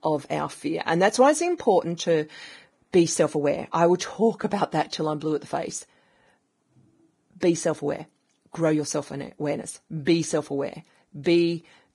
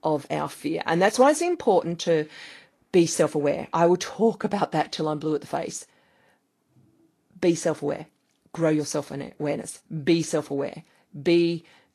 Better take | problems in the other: second | garbled, watery; badly; nothing above 10.5 kHz; slightly in the second

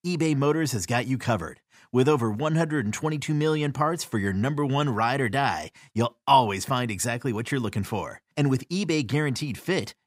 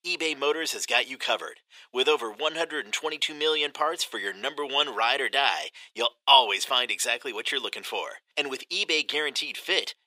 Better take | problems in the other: first | thin; very; fading below 450 Hz

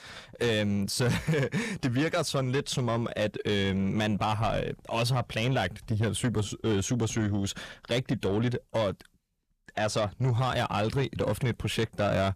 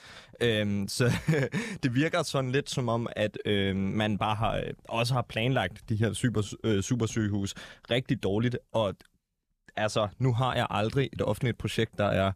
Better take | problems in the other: second | distortion; slight; 10 dB below the speech

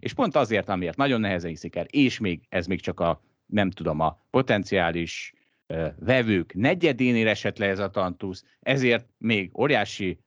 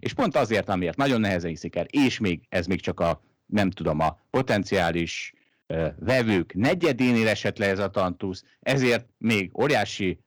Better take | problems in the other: first | distortion; slight; 5% of the sound clipped

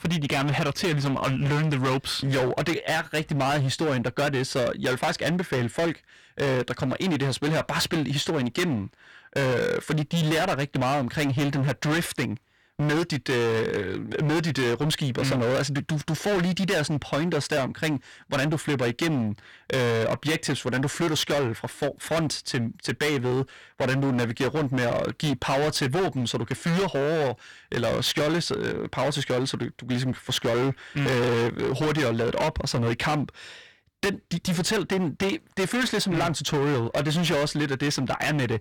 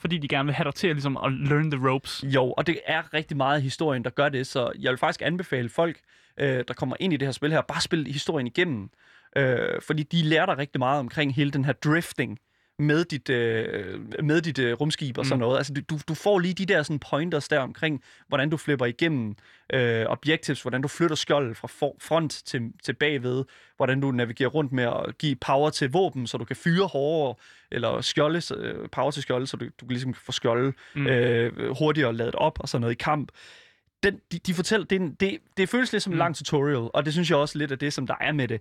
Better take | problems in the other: second | distortion; heavy; 25% of the sound clipped

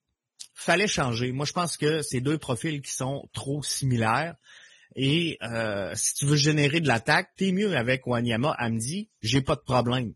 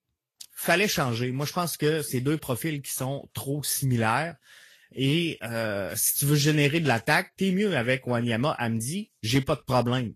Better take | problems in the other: second | garbled, watery; badly; nothing above 11.5 kHz; slightly in the second

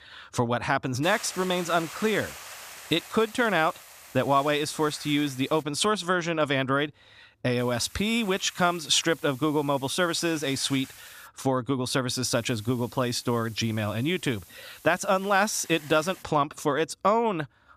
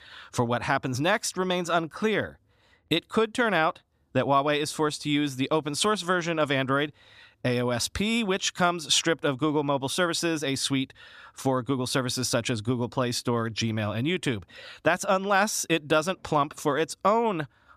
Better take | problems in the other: second | hiss; noticeable; from 1 to 5.5 s, from 7.5 to 11 s and from 12 to 16 s; 20 dB below the speech

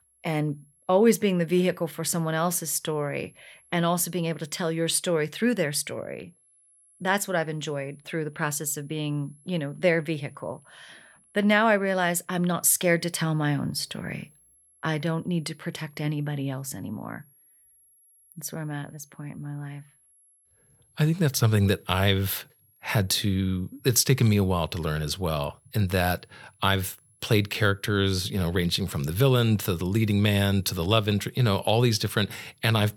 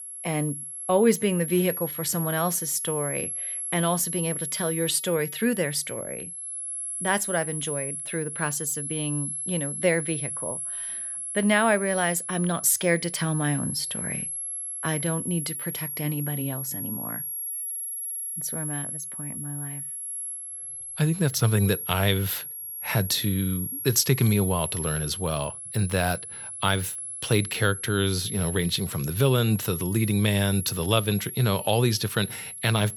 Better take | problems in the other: first | high-pitched whine; loud; throughout; 11.5 kHz, 5 dB below the speech; faint in the first

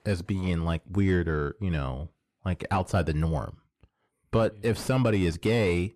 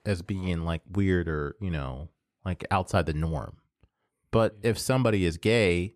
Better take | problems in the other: second | distortion; slight; 10 dB below the speech

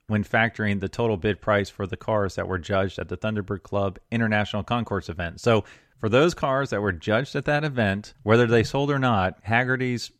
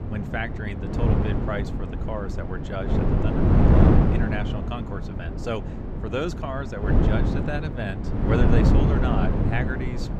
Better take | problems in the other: first | wind noise on the microphone; heavy; 1 dB above the speech

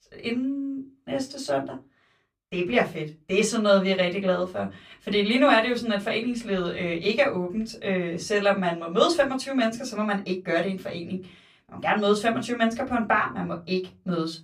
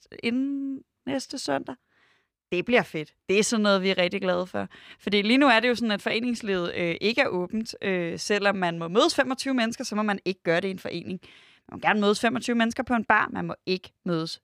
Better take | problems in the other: second | off-mic speech; far // room echo; very slight; dies away in 0.2 s

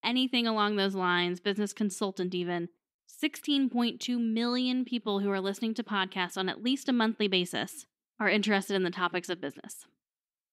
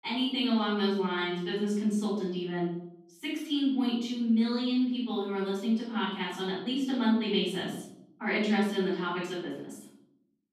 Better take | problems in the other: first | off-mic speech; far // room echo; noticeable; dies away in 0.7 s

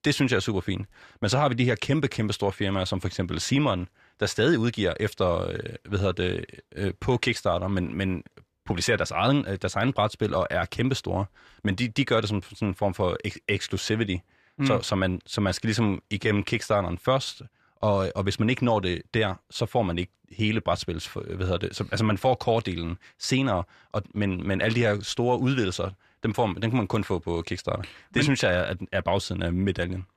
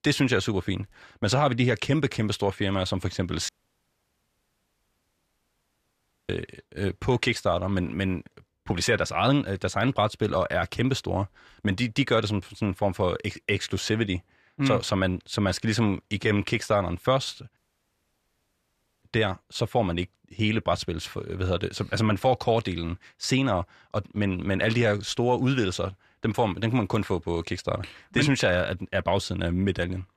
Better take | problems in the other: first | audio cutting out; at 3.5 s for 3 s and at 18 s for 1.5 s

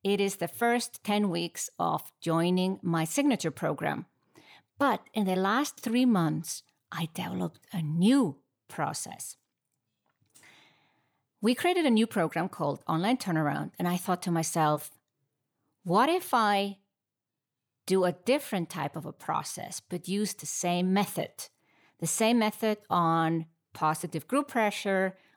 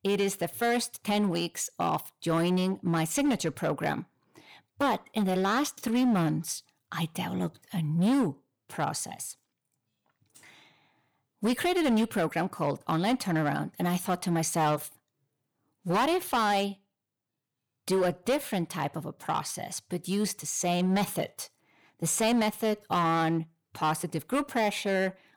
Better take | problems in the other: first | distortion; slight; 7% of the sound clipped

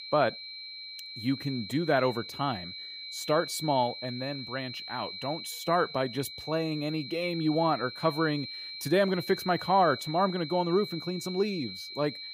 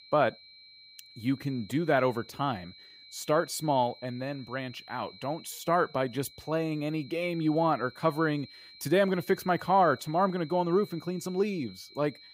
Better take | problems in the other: second | high-pitched whine; loud; throughout; 4 kHz, 9 dB below the speech; faint in the second

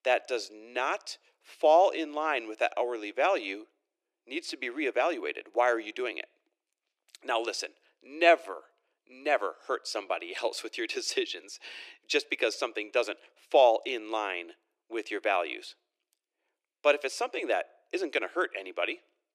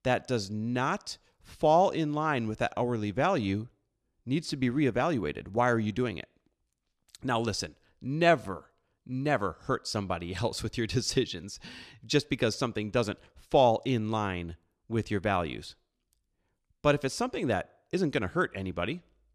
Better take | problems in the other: second | thin; very; fading below 300 Hz

